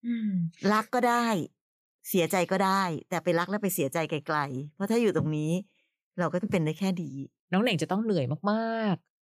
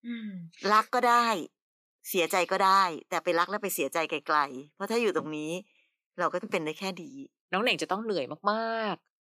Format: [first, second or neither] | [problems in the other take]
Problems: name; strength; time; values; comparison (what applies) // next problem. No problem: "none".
first | thin; somewhat; fading below 250 Hz